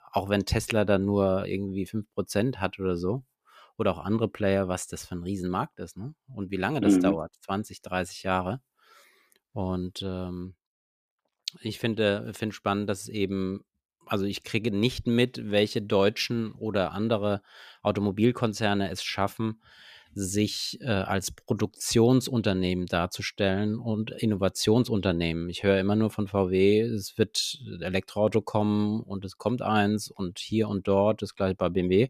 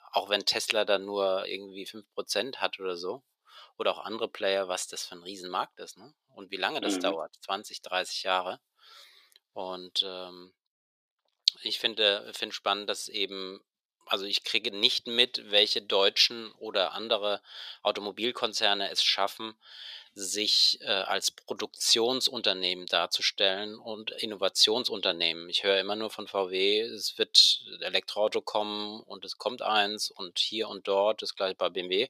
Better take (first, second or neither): first